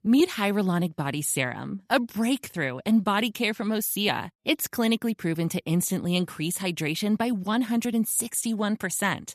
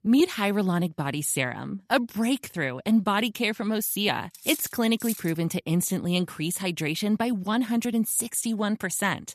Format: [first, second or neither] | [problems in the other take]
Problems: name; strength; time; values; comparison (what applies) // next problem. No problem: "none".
first | clattering dishes; noticeable; at 4.5 s; peak 7 dB below the speech